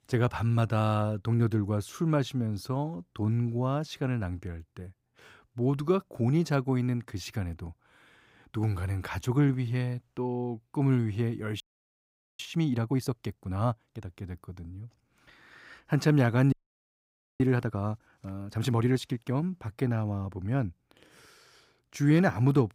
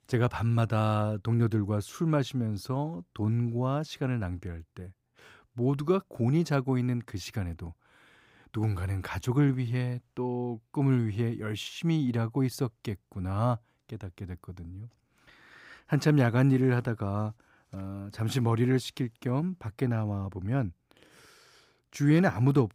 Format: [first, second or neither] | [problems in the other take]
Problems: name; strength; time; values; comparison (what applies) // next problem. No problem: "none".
second | audio freezing; at 12 s for 1 s and at 17 s for 1 s